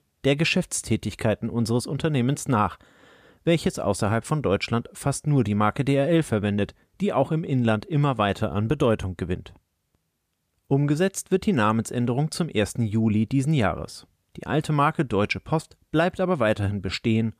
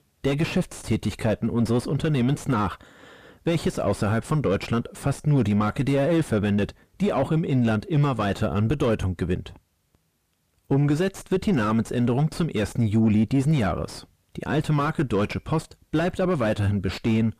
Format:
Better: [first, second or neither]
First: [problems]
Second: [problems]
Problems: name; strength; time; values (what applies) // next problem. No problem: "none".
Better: first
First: none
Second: distortion; heavy; 6 dB below the speech